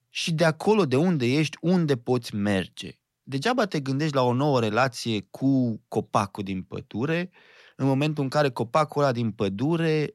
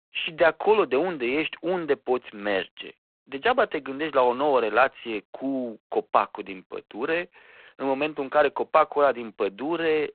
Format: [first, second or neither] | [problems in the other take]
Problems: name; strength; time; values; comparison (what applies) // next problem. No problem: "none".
first | phone-call audio; poor line